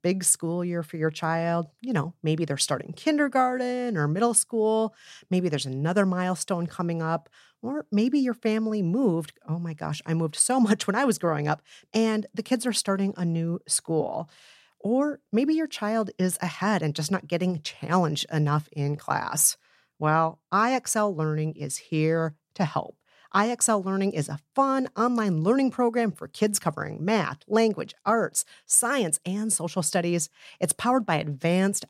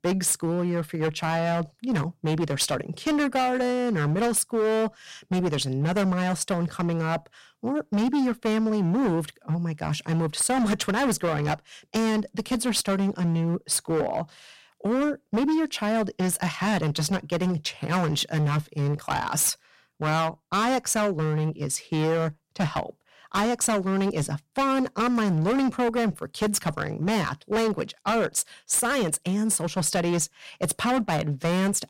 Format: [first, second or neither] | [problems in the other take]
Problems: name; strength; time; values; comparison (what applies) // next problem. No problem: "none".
first | distortion; heavy; 18% of the sound clipped